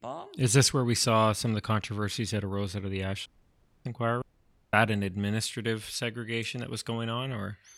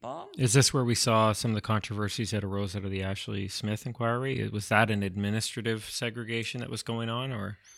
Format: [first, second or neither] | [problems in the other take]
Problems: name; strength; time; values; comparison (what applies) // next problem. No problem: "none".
second | audio cutting out; at 3.5 s for 0.5 s and at 4 s for 0.5 s